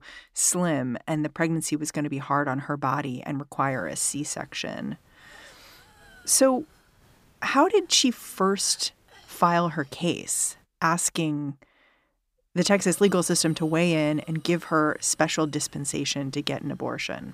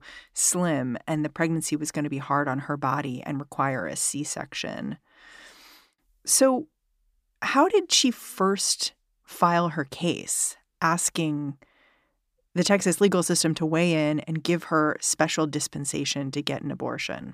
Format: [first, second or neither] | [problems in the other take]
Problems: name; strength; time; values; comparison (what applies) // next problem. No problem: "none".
second | hiss; faint; from 3.5 to 11 s and from 13 s on; 30 dB below the speech